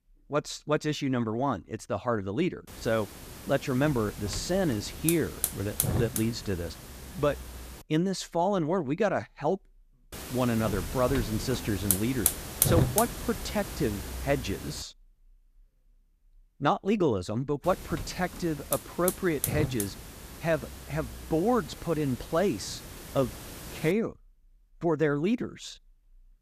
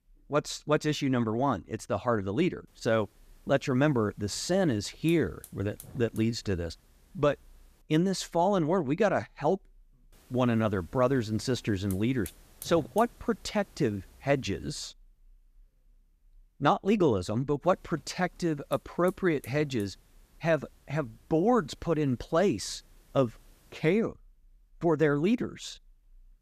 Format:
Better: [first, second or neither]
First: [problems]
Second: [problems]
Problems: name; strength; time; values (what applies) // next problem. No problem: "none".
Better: second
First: hiss; loud; from 2.5 to 8 s, from 10 to 15 s and from 18 to 24 s; 4 dB below the speech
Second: hiss; faint; from 2.5 to 8 s, from 10 to 15 s and from 18 to 24 s; 25 dB below the speech